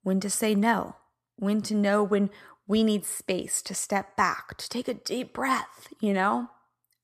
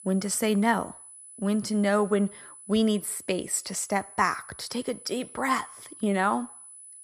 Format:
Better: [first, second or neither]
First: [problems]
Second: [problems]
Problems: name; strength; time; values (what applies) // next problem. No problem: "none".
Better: first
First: none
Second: high-pitched whine; noticeable; throughout; 10 kHz, 15 dB below the speech